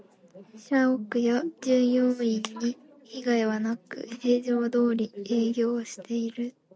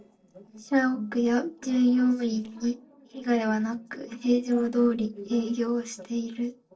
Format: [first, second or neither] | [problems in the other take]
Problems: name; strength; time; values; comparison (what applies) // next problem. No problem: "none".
first | noise reduction (neural separator model SepFormer DNS4)